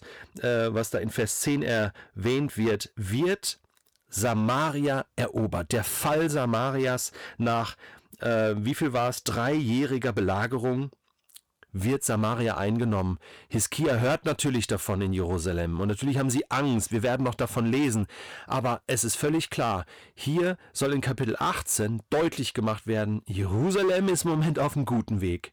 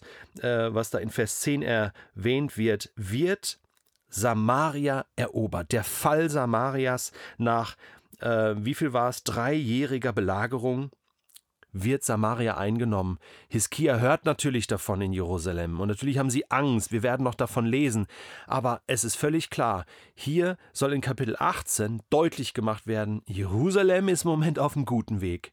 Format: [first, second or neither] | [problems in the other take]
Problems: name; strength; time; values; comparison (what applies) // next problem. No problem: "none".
second | distortion; slight; 11% of the sound clipped